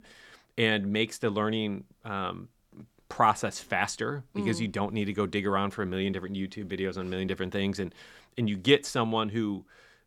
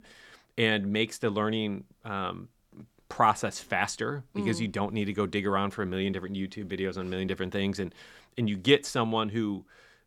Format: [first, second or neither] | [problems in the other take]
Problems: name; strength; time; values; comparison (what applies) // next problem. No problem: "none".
neither | none